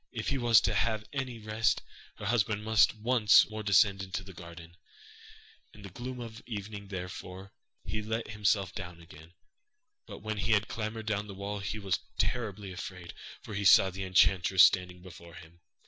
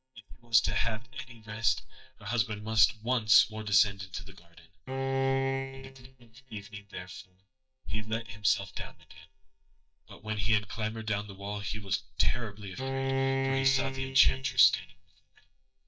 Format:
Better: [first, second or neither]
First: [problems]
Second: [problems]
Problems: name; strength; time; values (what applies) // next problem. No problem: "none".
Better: first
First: none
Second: noise reduction (neural mask model DeepFilterNet 3)